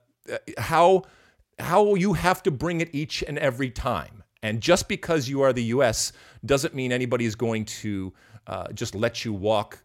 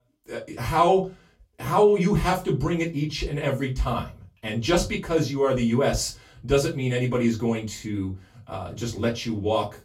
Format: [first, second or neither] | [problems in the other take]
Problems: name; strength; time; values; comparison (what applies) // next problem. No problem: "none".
first | off-mic speech; far // room echo; very slight; dies away in 0.2 s